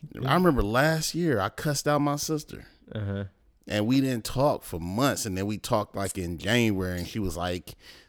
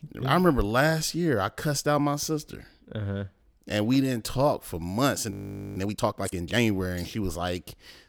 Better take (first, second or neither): first